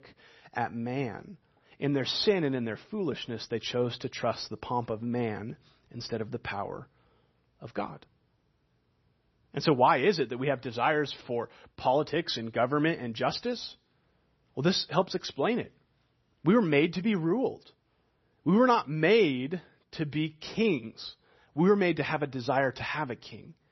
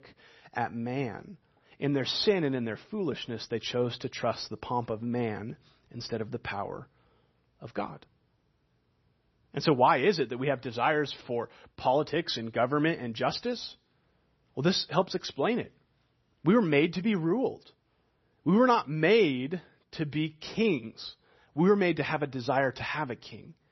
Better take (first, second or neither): neither